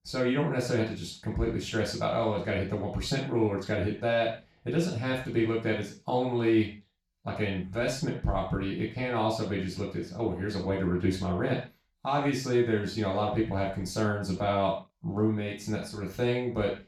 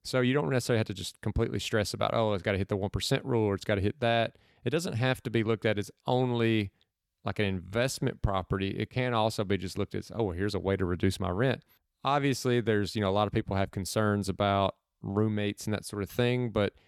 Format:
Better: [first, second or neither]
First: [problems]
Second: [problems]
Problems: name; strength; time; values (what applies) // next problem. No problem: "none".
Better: second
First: room echo; noticeable; dies away in 0.3 s // off-mic speech; far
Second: none